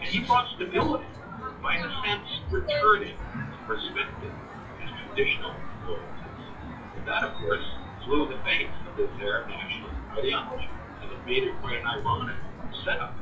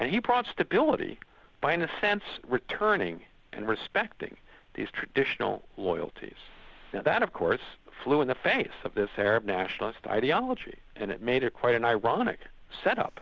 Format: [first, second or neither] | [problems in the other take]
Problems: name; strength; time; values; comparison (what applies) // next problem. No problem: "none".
second | noise reduction (classical method WPE with log-MMSE)